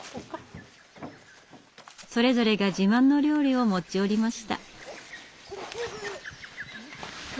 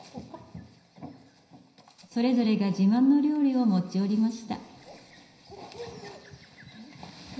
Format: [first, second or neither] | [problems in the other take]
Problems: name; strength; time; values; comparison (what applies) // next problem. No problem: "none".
first | room echo; dies away in 0.9 s